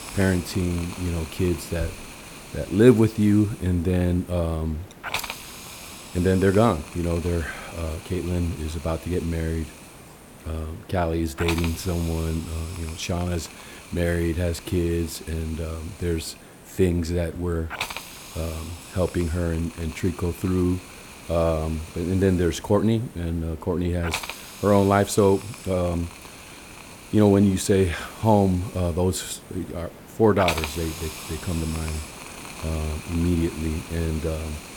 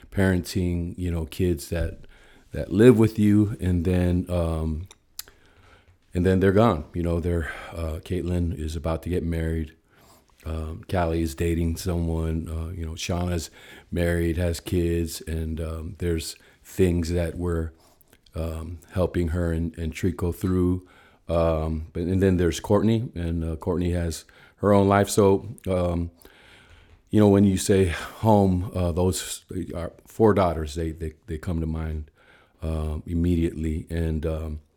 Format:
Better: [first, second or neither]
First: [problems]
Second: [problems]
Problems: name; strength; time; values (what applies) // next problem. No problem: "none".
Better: second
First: hiss; noticeable; throughout; 15 dB below the speech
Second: none